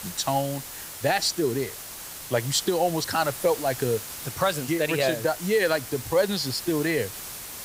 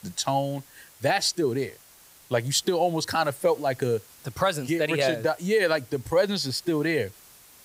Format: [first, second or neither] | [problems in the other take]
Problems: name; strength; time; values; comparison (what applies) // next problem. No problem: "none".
second | hiss; loud; throughout; 10 dB below the speech; faint in the second